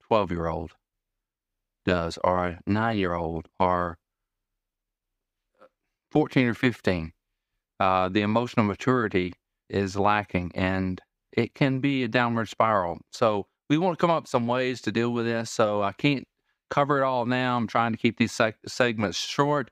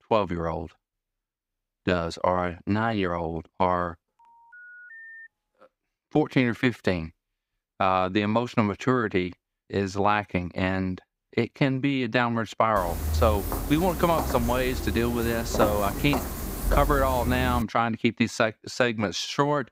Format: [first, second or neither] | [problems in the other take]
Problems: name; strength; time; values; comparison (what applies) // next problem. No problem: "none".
first | phone ringing; faint; from 4 to 5.5 s; peak 15 dB below the speech // footsteps; noticeable; from 13 to 18 s; peak 2 dB below the speech